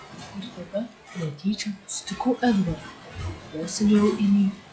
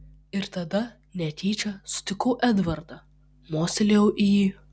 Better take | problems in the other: second | noise reduction (classical method log-MMSE)

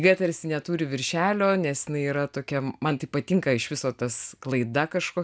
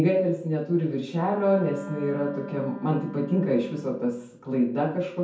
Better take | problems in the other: first | background sound (Wind instrument, woodwind instrument); 16 dB below the speech // room echo; dies away in 0.6 s

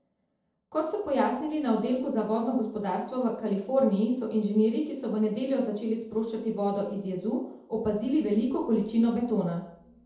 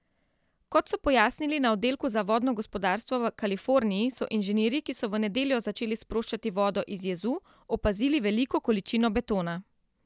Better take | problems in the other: second | room echo; dies away in 0.8 s

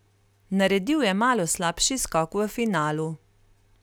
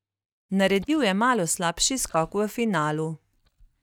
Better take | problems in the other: first | noise reduction (neural mask model DeepFilterNet 3)

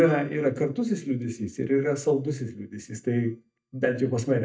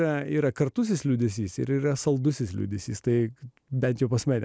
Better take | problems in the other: second | noise reduction (neural mask model DeepFilterNet 3)

